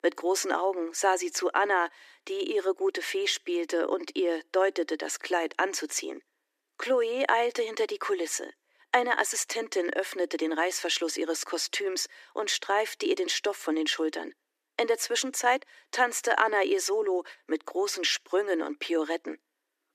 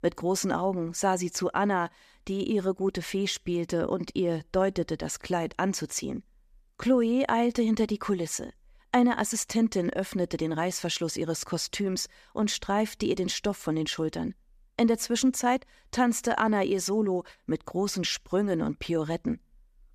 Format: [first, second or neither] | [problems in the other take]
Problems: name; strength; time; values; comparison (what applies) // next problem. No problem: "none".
second | thin; very; fading below 300 Hz